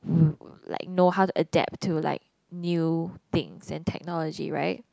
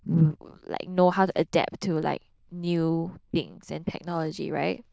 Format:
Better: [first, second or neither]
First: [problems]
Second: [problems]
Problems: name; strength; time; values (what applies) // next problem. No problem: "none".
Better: first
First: none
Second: noise reduction (neural diffusion model UNIVERSE++)